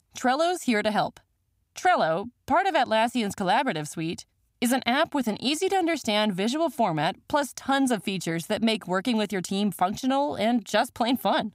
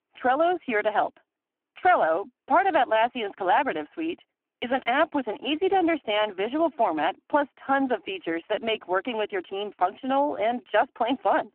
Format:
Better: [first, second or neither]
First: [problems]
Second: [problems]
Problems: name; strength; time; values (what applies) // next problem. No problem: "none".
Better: first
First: none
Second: phone-call audio; poor line; nothing above 3 kHz